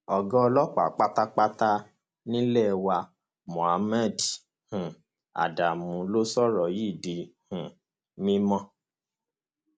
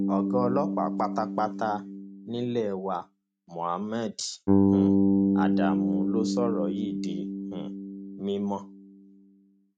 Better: first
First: none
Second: noise reduction (neural mask model RNNoise)

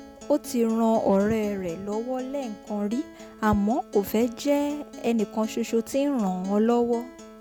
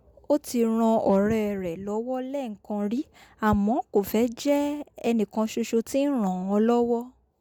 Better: second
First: background sound (Acoustic guitar); 18 dB below the speech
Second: none

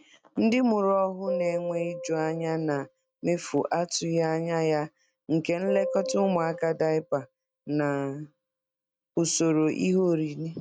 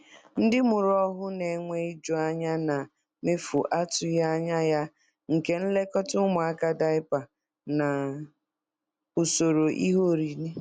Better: second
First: noise reduction (neural mask model RNNoise)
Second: none

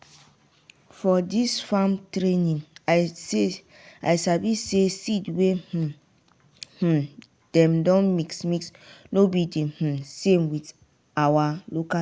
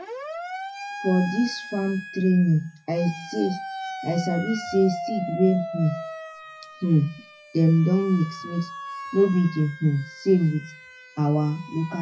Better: first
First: none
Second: noise reduction (classical method WPE with log-MMSE)

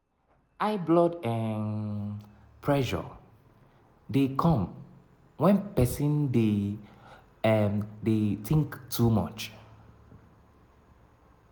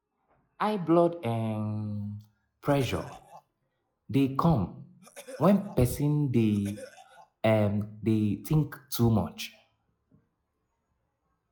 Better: first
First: none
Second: noise reduction (classical method log-MMSE)

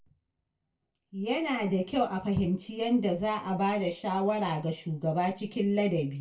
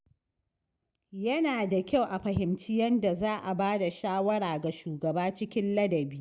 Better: second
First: room echo; dies away in 0.2 s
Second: none

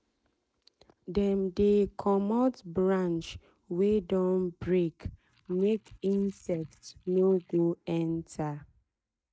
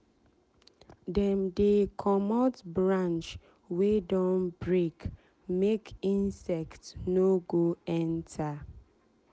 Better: second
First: noise reduction (neural mask model DeepFilterNet 3)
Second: none

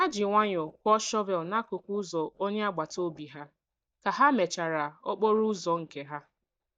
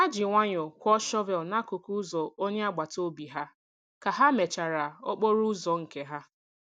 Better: second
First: noise reduction (neural mask model DeepFilterNet 3)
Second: none

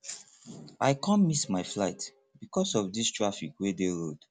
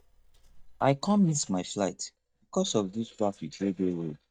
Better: first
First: none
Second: noise reduction (neural mask model DeepFilterNet 3)

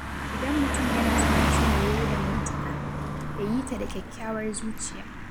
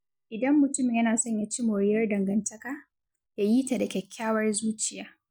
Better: second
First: background sound (Car passing by); 4 dB above the speech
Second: none

